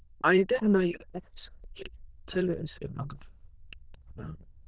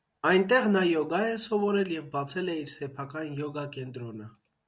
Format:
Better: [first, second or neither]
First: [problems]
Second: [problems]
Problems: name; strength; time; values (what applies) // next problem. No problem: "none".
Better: second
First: noise reduction (neural diffusion model UNIVERSE++)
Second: none